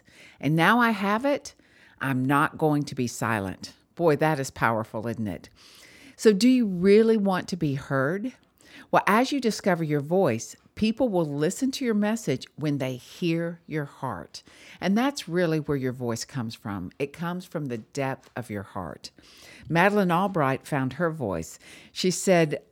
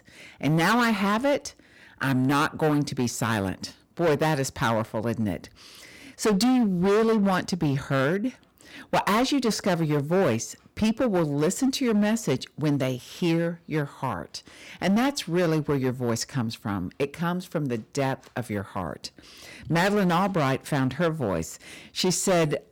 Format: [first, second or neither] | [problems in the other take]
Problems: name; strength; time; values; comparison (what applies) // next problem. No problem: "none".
first | distortion; heavy; 11% of the sound clipped